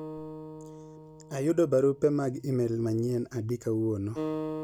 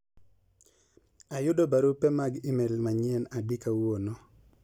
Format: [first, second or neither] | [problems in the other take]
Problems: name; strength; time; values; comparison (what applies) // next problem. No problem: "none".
second | background sound (Acoustic guitar); 11 dB below the speech